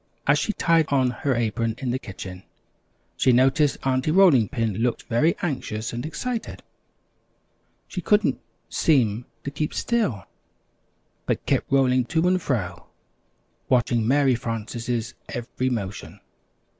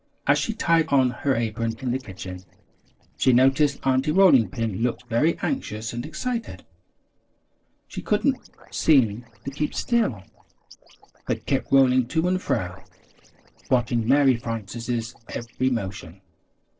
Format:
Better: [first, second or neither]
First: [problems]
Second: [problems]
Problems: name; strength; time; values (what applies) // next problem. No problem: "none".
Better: first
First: none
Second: noise reduction (neural separator model SepFormer DNS4)